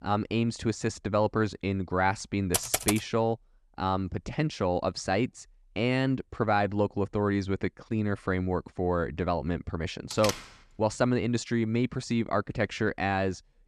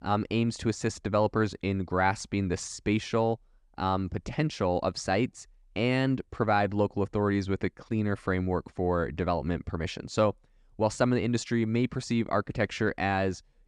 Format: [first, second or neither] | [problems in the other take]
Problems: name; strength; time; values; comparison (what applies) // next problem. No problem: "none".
second | keyboard typing; loud; at 2.5 s; peak 2 dB above the speech // door banging; noticeable; at 10 s; peak 4 dB below the speech